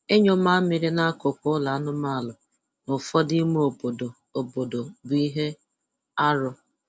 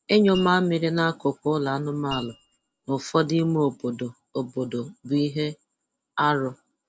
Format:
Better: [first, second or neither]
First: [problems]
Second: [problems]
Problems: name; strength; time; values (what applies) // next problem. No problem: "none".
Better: first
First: none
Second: background sound (Mallet percussion); 17 dB below the speech